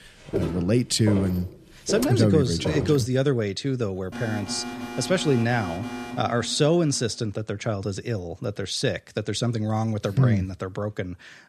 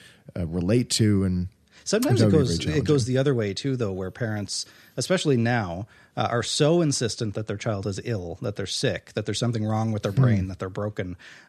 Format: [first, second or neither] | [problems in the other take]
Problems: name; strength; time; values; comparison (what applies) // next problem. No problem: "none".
second | footsteps; noticeable; until 3 s; peak 5 dB below the speech // alarm; noticeable; from 4 to 7 s; peak 9 dB below the speech